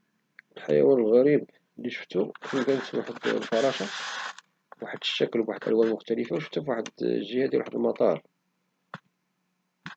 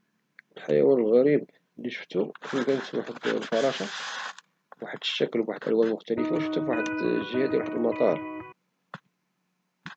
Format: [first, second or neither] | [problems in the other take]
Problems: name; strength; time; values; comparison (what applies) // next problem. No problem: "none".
first | background sound (Electric guitar); 4 dB below the speech